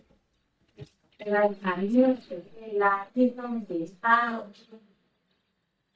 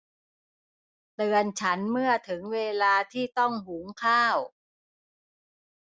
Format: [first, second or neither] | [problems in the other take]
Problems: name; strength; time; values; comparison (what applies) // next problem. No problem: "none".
second | noise reduction (neural mask model DeepFilterNet 3)